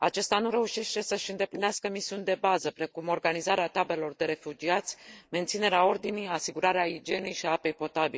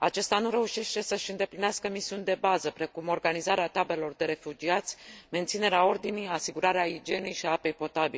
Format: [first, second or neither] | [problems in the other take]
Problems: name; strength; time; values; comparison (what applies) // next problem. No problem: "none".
second | noise reduction (neural mask model Resemble Enhance denoiser)